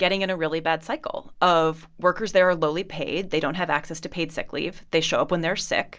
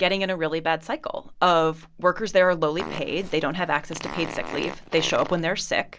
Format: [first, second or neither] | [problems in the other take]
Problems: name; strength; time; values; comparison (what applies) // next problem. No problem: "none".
first | background sound (Fart); 12 dB below the speech